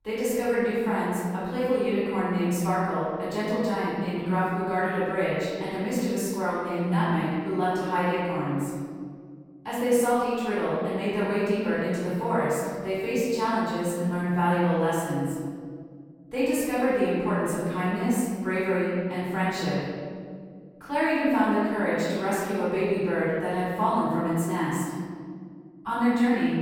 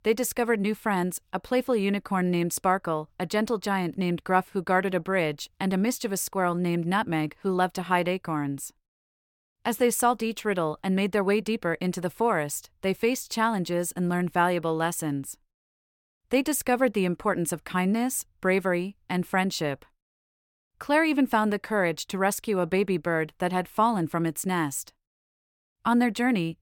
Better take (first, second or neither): second